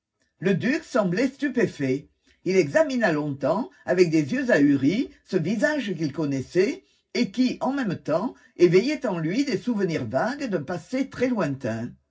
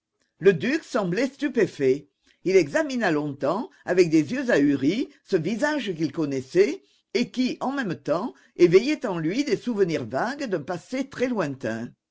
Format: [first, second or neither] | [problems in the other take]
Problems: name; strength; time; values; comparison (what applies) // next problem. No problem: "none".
second | room echo; dies away in 0.4 s